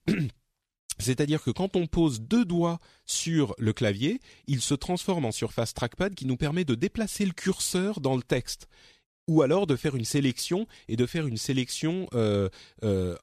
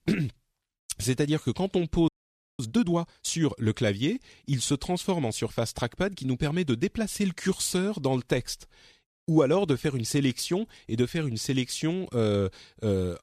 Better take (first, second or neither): first